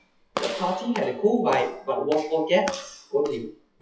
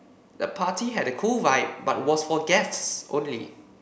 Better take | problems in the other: second | noise reduction (classical method WPE with log-MMSE)

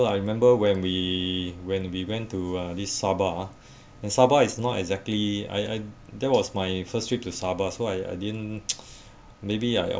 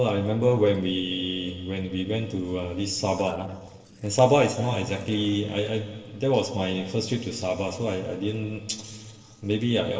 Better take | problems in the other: first | noise reduction (neural separator model SepFormer DNS4)

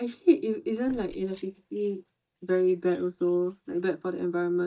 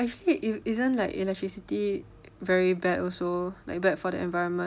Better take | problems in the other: second | noise reduction (neural mask model DeepFilterNet 3)

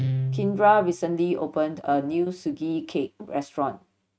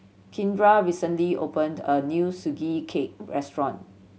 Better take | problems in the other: second | noise reduction (neural mask model RNNoise)

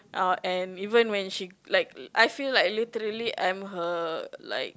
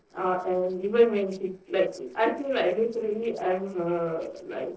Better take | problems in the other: first | noise reduction (neural separator model SepFormer DNS4)

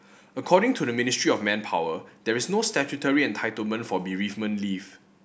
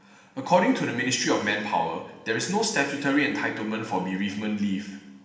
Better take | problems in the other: first | room echo; dies away in 1.1 s

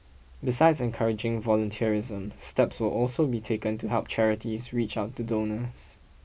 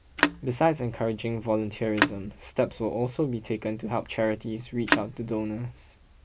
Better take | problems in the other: first | background sound (Telephone); 2 dB below the speech

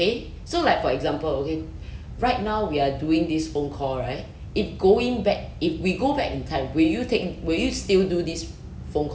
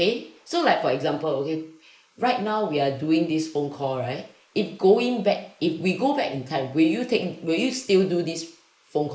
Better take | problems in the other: first | noise reduction (neural mask model Resemble Enhance denoiser)

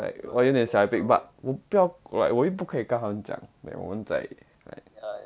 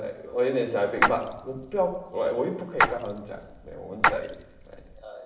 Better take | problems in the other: first | background sound (Splash, splatter); 1 dB above the speech // room echo; dies away in 0.9 s

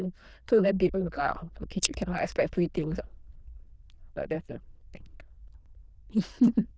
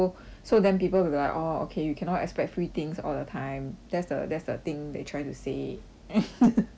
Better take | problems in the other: second | noise reduction (neural diffusion model UNIVERSE++)

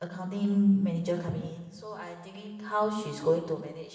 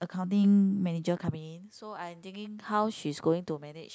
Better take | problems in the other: second | room echo; dies away in 1.2 s

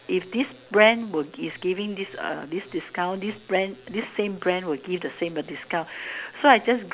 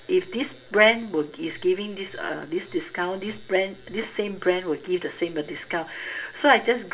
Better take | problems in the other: first | room echo; dies away in 0.2 s

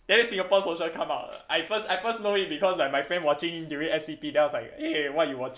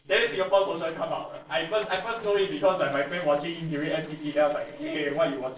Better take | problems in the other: first | noise reduction (neural separator model SepFormer DNS4)

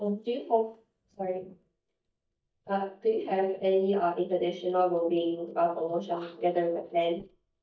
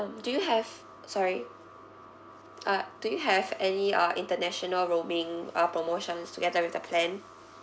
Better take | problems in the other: second | noise reduction (neural mask model DeepFilterNet 3)

